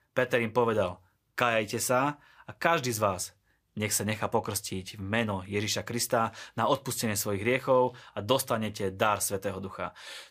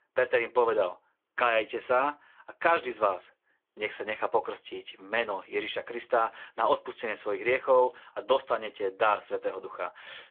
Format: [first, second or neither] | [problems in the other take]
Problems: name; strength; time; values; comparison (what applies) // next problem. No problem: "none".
first | phone-call audio